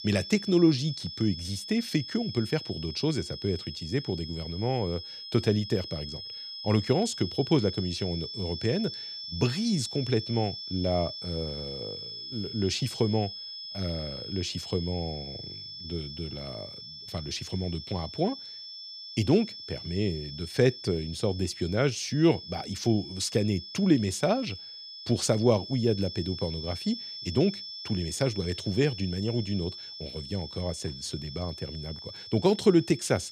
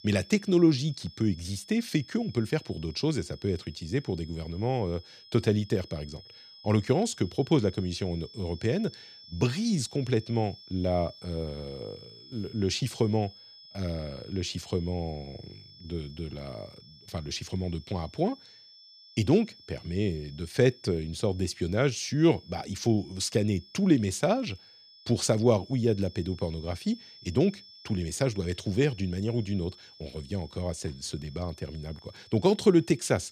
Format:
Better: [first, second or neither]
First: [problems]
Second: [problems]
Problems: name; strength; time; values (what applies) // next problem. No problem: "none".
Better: second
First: high-pitched whine; loud; throughout; 5.5 kHz, 9 dB below the speech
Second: high-pitched whine; faint; throughout; 5.5 kHz, 20 dB below the speech